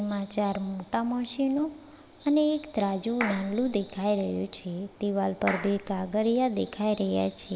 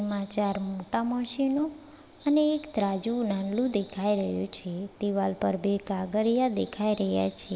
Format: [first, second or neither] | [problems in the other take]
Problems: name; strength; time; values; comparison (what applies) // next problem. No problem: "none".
second | background sound (Clapping); 11 dB below the speech